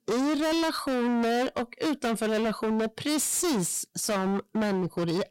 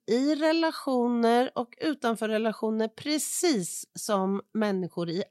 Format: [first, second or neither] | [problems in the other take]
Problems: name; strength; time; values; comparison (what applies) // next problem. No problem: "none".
second | distortion; heavy; 38% of the sound clipped